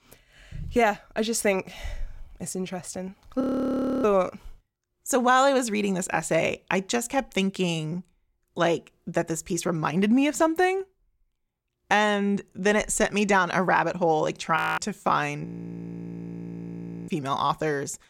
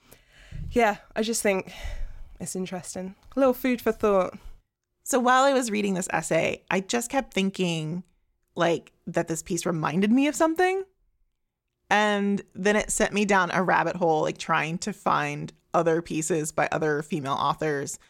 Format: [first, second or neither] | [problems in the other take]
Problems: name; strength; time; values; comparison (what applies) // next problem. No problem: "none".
second | audio freezing; at 3.5 s for 0.5 s and at 15 s for 1.5 s